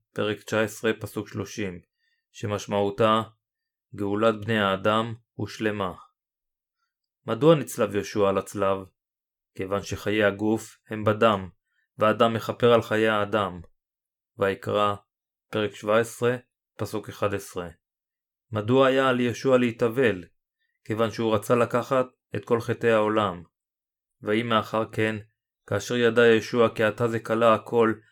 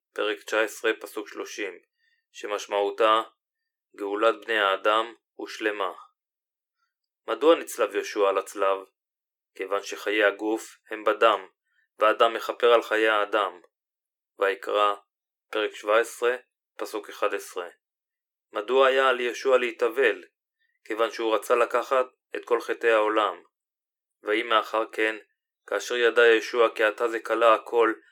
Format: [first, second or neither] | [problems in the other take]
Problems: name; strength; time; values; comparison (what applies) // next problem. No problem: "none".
first | thin; very; fading below 350 Hz